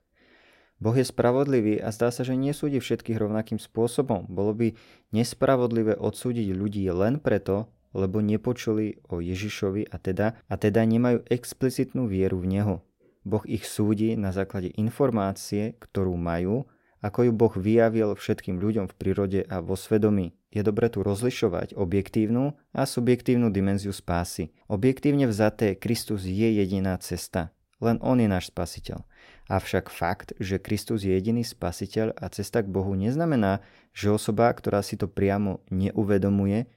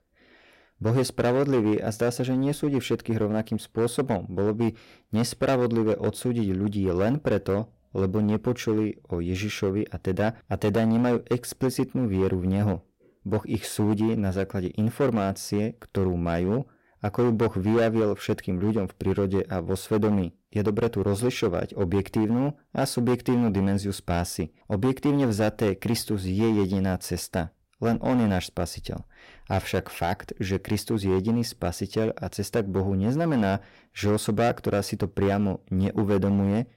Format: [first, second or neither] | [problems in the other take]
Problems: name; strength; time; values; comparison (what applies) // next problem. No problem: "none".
first | distortion; slight; 8% of the sound clipped